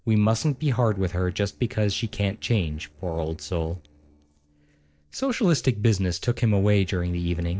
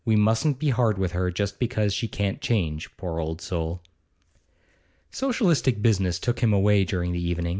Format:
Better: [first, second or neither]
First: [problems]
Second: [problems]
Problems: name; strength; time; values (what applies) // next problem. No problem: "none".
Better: second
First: noise reduction (neural separator model SepFormer DNS4)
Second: none